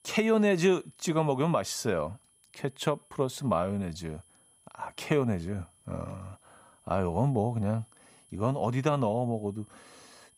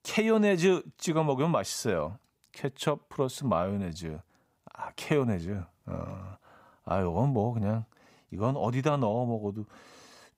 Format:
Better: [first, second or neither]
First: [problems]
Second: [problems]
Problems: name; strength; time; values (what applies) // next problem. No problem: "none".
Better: second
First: high-pitched whine; faint; throughout; 10.5 kHz, 30 dB below the speech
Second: none